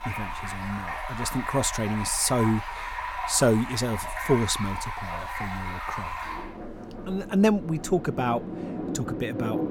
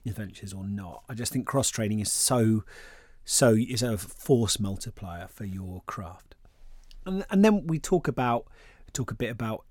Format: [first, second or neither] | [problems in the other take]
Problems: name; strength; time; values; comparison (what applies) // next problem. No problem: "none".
second | rain or running water; loud; throughout; 7 dB below the speech